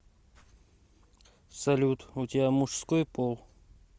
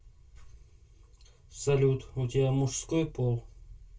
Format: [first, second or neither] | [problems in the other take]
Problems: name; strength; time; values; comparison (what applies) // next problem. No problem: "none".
first | room echo; dies away in 0.2 s